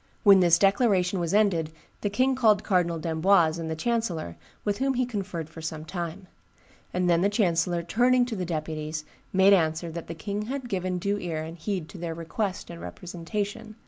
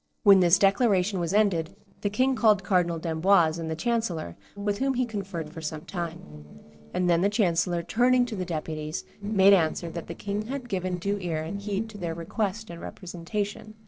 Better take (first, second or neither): first